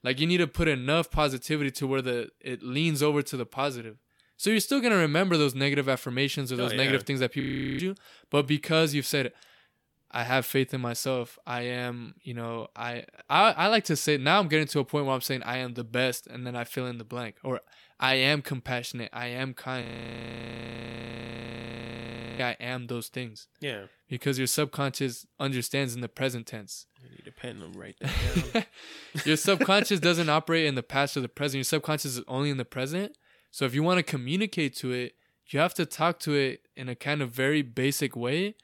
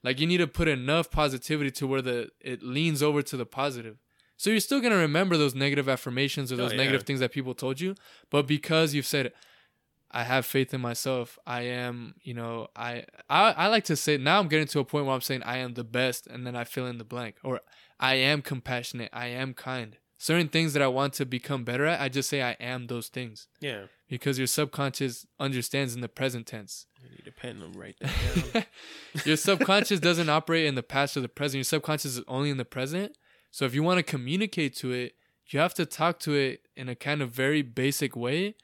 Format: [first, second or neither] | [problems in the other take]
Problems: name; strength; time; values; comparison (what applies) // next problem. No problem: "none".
second | audio freezing; at 7.5 s and at 20 s for 2.5 s